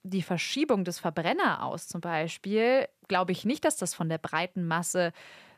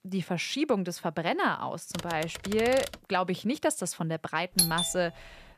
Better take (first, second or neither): first